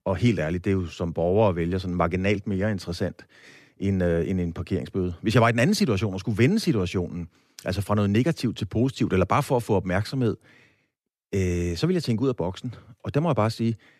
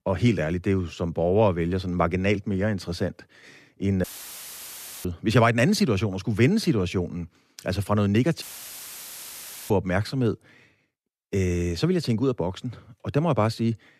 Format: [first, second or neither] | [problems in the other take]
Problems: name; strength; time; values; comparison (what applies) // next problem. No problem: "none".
first | audio cutting out; filled with static; at 4 s for 1 s and at 8.5 s for 1.5 s